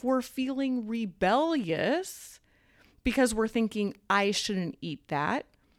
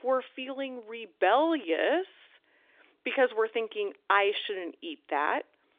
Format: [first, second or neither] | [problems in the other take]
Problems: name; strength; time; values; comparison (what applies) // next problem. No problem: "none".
first | phone-call audio; nothing above 3.5 kHz